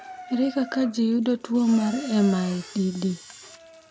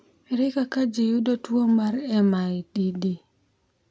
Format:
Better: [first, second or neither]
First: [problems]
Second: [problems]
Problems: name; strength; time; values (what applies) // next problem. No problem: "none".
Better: second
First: background sound (Camera + Bathtub (filling or washing) / Water tap, faucet); 17 dB below the speech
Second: none